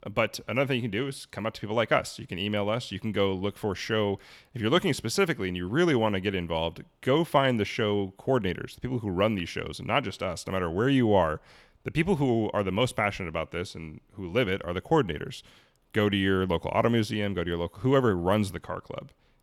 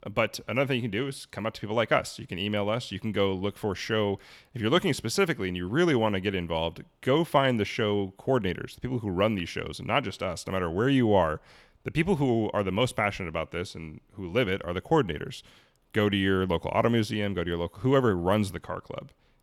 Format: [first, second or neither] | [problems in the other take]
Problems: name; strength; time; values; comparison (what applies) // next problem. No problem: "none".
neither | none